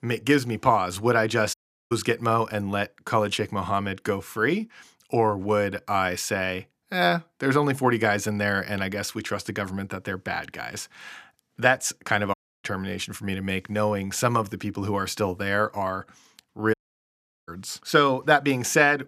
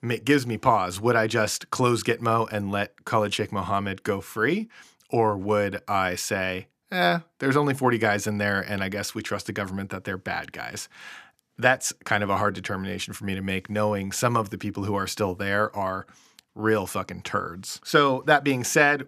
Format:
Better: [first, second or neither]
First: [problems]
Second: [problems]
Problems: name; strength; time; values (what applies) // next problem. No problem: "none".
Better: second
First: audio cutting out; at 1.5 s, at 12 s and at 17 s for 0.5 s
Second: none